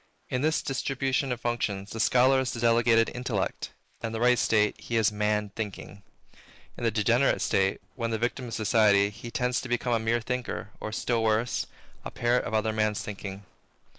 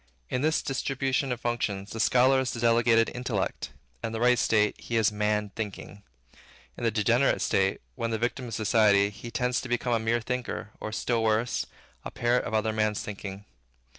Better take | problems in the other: second | noise reduction (neural mask model Resemble Enhance denoiser)

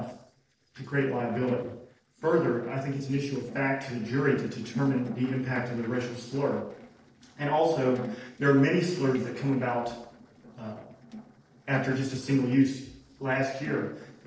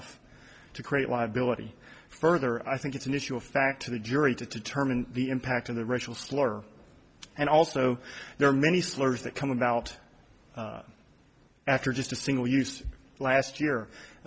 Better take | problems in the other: second | noise reduction (neural separator model SepFormer DNS4)

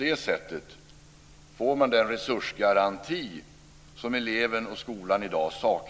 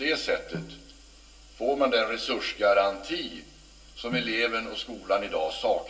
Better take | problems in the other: first | background sound (Snare drum); 17 dB below the speech // room echo; dies away in 0.2 s

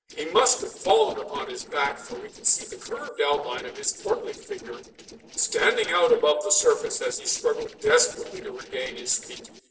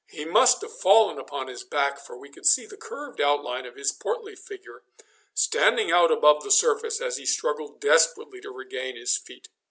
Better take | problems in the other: second | noise reduction (neural separator model SepFormer DNS4)

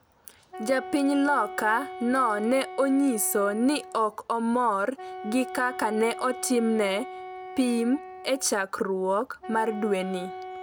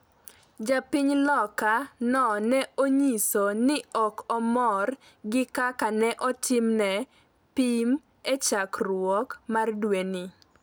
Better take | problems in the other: second | background sound (Wind instrument, woodwind instrument); 13 dB below the speech

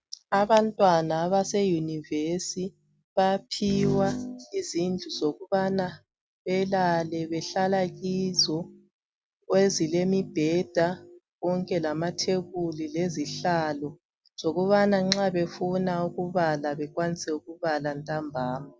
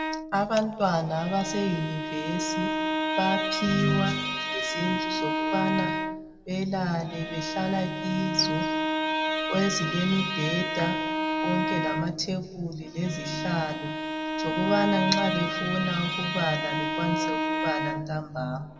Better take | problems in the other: first | background sound (Bowed string instrument); 1 dB below the speech // room echo; dies away in 1.2 s

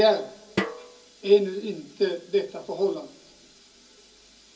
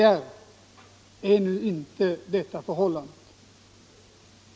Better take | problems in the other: second | background sound (Snare drum); 8 dB below the speech // room echo; dies away in 0.3 s

